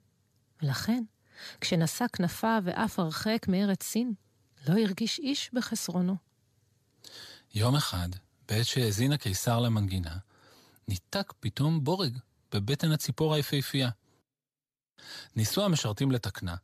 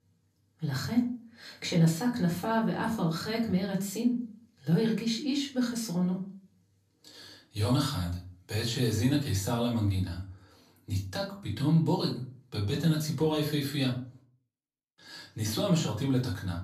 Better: first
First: none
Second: off-mic speech; far // room echo; slight; dies away in 0.4 s

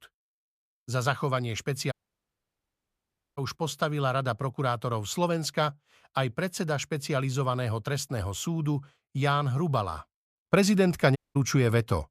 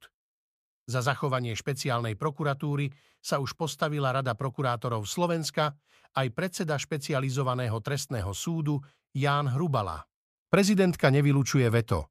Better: second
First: audio cutting out; at 2 s for 1.5 s and at 11 s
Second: none

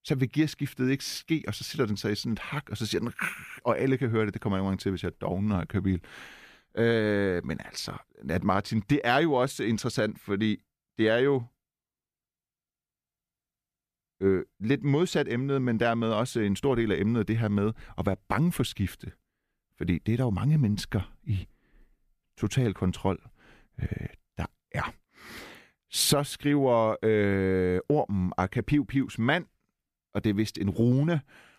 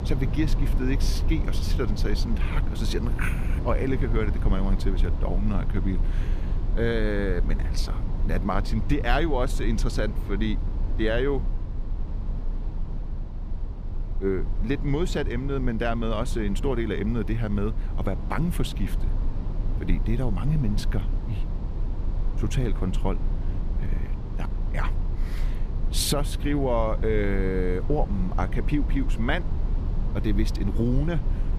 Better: first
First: none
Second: low rumble; noticeable; throughout; 10 dB below the speech

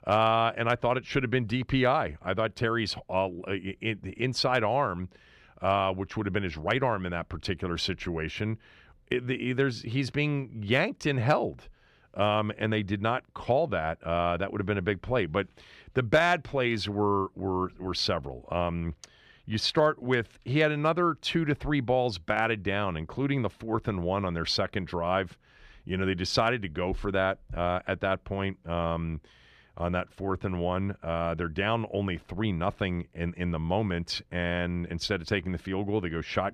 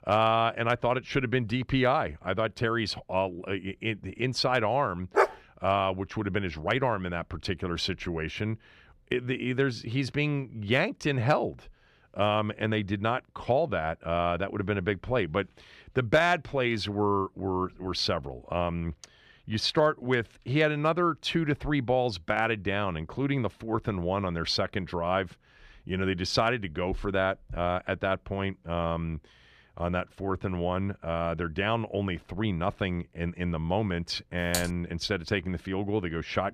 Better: first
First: none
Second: dog barking; loud; at 5 s; peak 3 dB above the speech // keyboard typing; noticeable; at 35 s; peak 4 dB below the speech

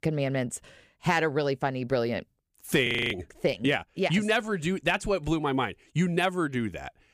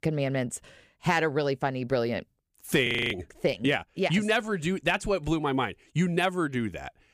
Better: neither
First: audio freezing; at 3 s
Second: audio freezing; at 3 s

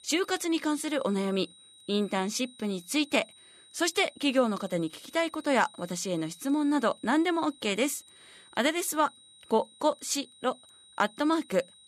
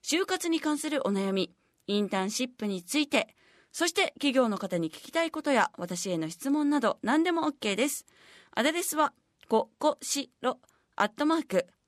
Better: second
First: high-pitched whine; faint; throughout; 4 kHz, 25 dB below the speech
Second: none

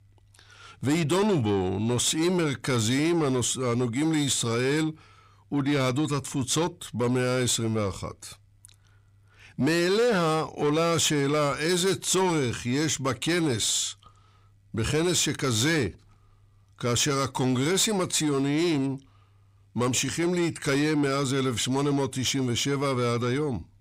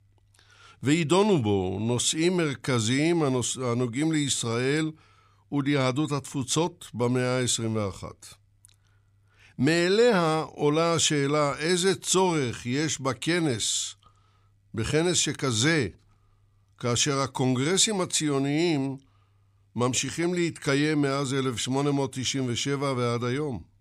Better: second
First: distortion; slight; 10 dB below the speech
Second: none

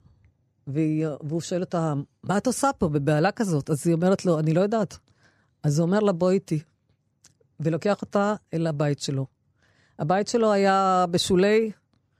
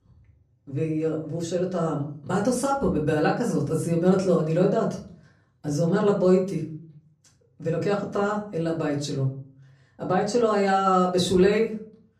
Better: first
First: none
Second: off-mic speech; far // room echo; slight; dies away in 0.4 s

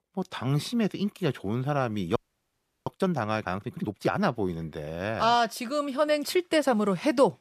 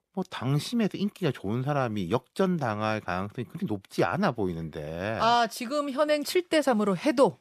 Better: second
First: audio freezing; at 2 s for 0.5 s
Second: none

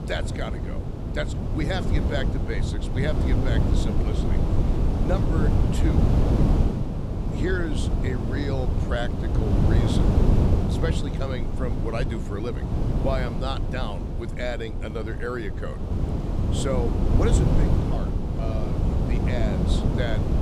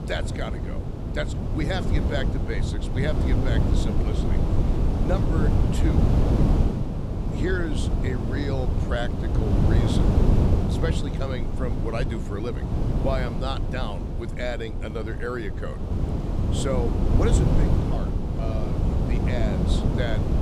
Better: neither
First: wind noise on the microphone; heavy; 1 dB below the speech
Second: wind noise on the microphone; heavy; 1 dB below the speech

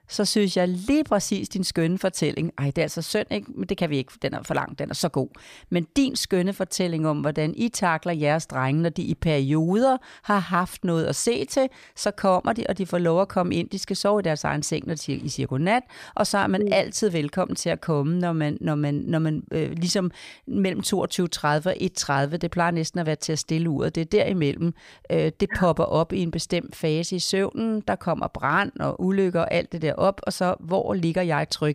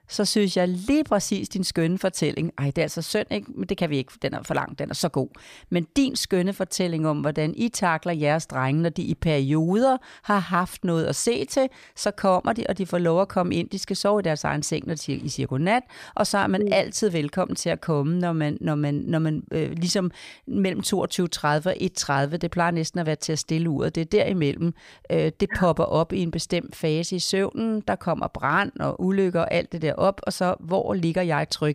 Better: neither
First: none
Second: none

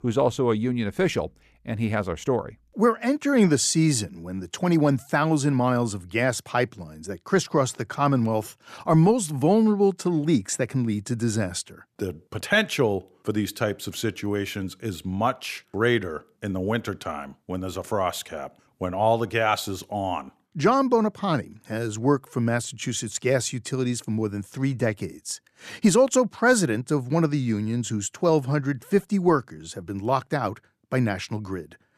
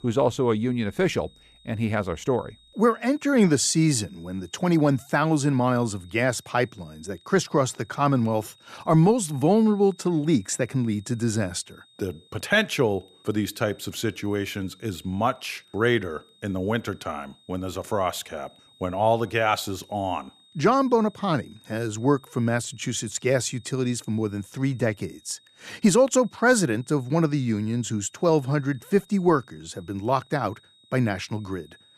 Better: first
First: none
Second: high-pitched whine; faint; throughout; 3.5 kHz, 30 dB below the speech

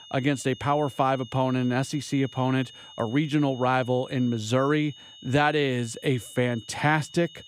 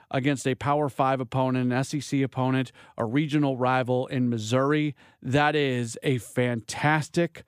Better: second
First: high-pitched whine; noticeable; throughout; 3 kHz, 20 dB below the speech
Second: none

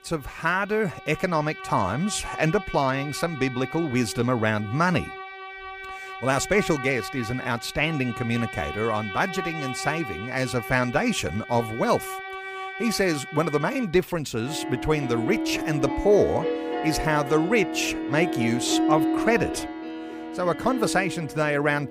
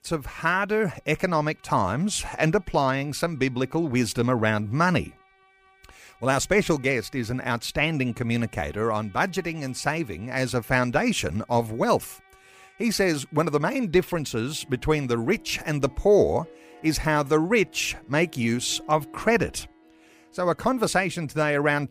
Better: second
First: background music; loud; throughout; 7 dB below the speech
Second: background music; faint; throughout; 30 dB below the speech

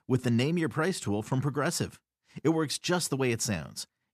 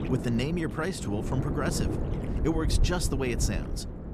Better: first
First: none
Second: wind noise on the microphone; heavy; 7 dB below the speech

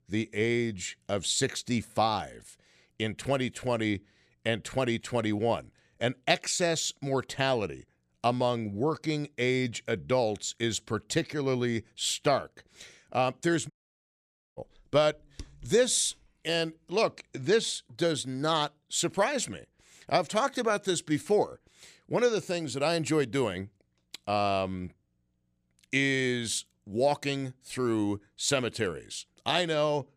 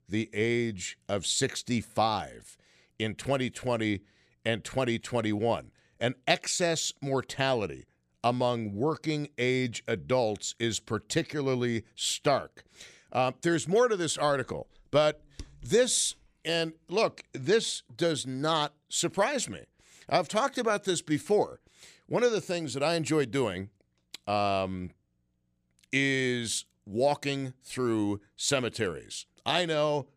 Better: second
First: audio cutting out; at 14 s for 1 s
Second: none

